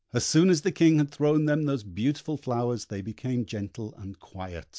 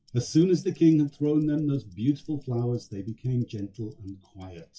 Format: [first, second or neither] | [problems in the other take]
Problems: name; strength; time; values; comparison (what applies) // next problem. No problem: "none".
first | noise reduction (classical method WPE with log-MMSE)